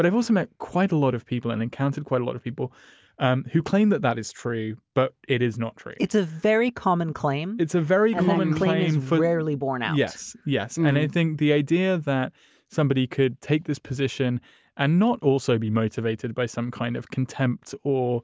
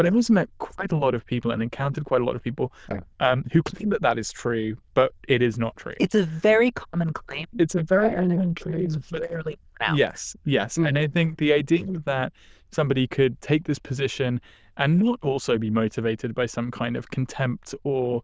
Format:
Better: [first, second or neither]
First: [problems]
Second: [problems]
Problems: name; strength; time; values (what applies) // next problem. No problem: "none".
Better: first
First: none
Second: noise reduction (neural diffusion model UNIVERSE++)